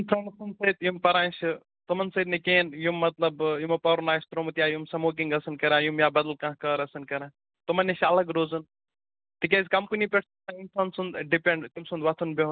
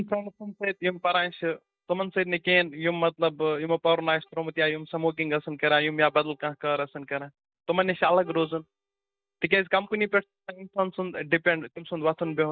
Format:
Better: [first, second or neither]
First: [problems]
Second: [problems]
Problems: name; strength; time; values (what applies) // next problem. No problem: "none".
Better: first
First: none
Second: noise reduction (neural mask model DeepFilterNet 3)